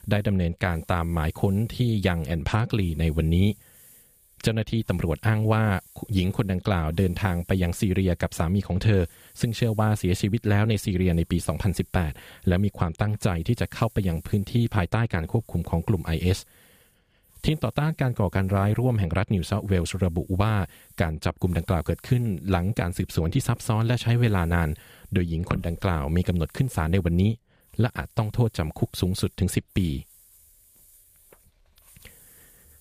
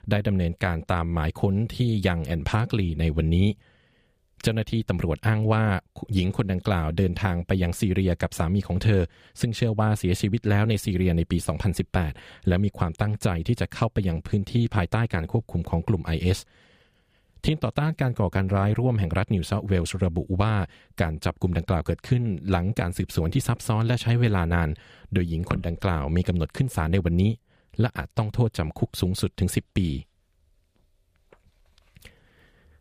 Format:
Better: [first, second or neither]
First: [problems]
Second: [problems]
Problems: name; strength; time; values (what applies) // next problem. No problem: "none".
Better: second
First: hiss; faint; throughout; 25 dB below the speech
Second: none